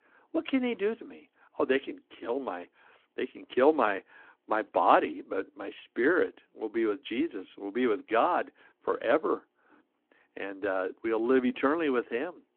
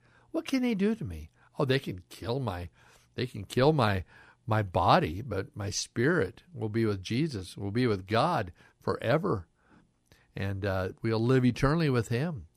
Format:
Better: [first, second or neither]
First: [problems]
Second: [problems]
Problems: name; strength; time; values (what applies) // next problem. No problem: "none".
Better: second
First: phone-call audio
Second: none